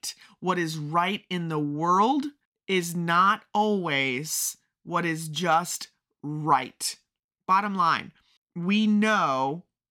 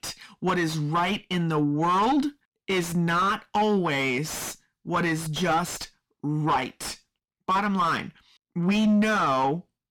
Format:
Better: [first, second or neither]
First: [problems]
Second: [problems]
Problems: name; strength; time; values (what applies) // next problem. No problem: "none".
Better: first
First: none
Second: distortion; heavy; 6 dB below the speech